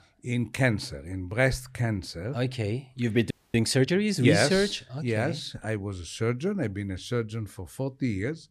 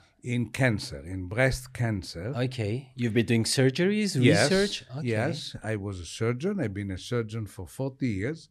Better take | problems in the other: second | audio freezing; at 3.5 s

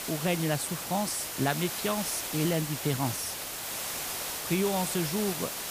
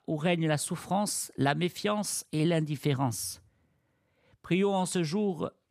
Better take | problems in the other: second | hiss; loud; throughout; 3 dB below the speech

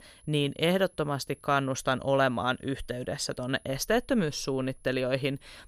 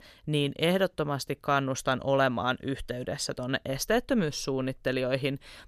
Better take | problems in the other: second | high-pitched whine; faint; throughout; 10.5 kHz, 30 dB below the speech

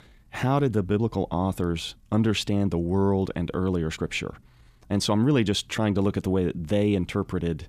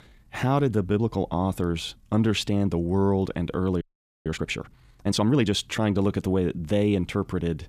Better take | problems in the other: first | audio freezing; at 4 s

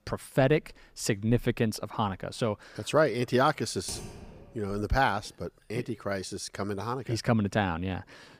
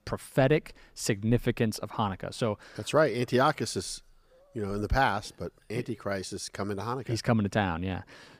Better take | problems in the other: second | keyboard typing; faint; at 4 s; peak 10 dB below the speech

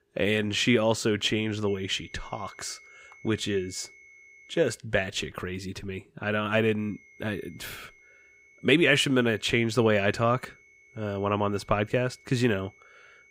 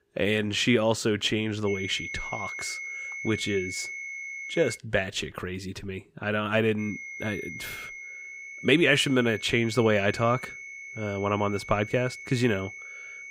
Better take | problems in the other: first | high-pitched whine; loud; from 1.5 to 5 s and from 7 s on; 2 kHz, 10 dB below the speech; faint in the first

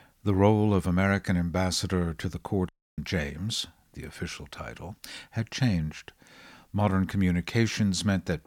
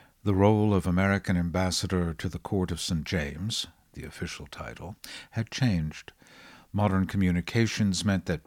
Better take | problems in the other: second | audio cutting out; at 2.5 s

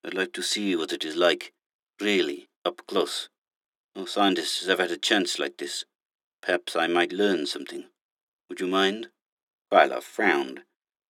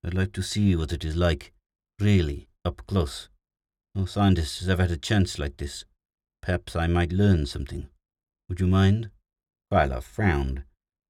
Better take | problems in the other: second | thin; very; fading below 250 Hz

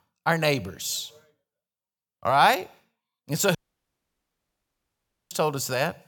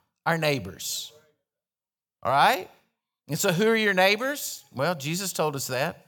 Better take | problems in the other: second | audio cutting out; at 3.5 s for 2 s

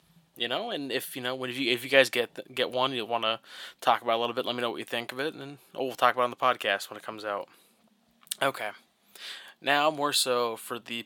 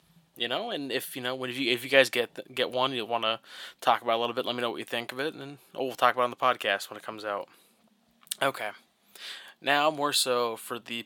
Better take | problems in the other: neither | thin; somewhat; fading below 400 Hz; the same in both

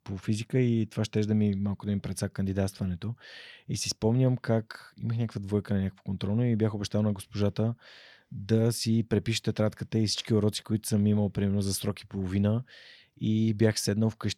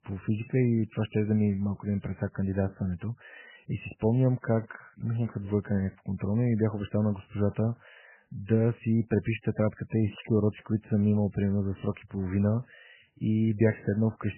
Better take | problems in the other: first | garbled, watery; badly; nothing above 3 kHz

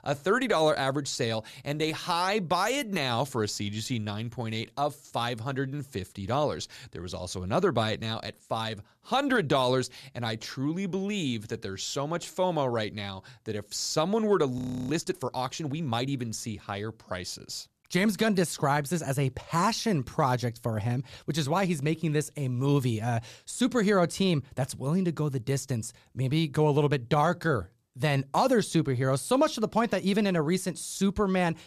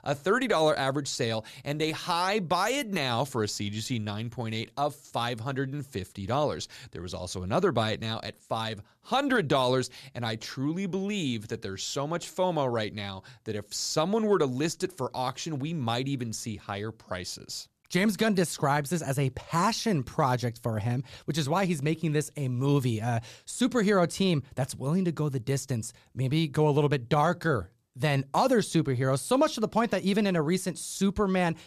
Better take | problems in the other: second | audio freezing; at 15 s

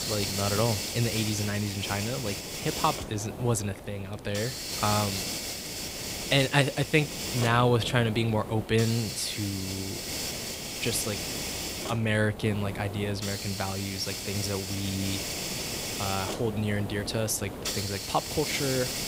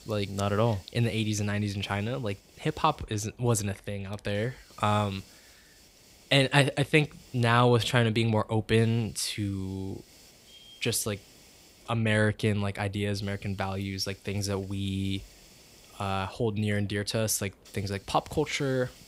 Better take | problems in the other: second | hiss; loud; throughout; 4 dB below the speech; faint in the second

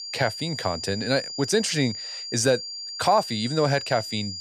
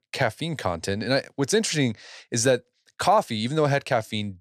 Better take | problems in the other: second | high-pitched whine; loud; throughout; 5 kHz, 7 dB below the speech

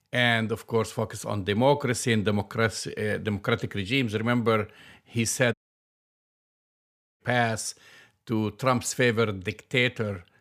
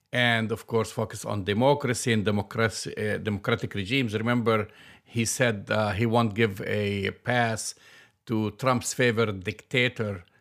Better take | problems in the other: second | audio cutting out; at 5.5 s for 1.5 s

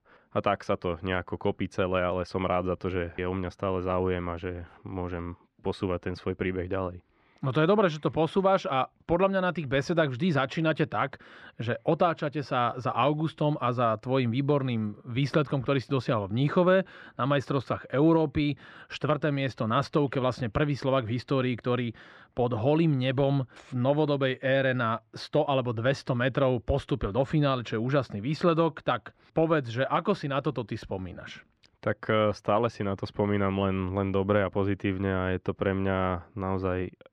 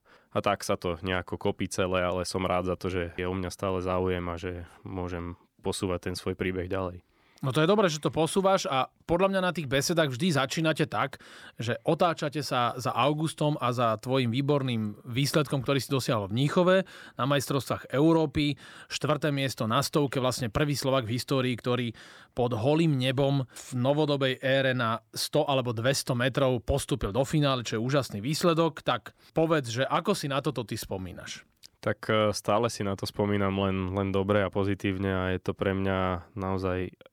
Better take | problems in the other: second | muffled; slightly; fading above 2.5 kHz

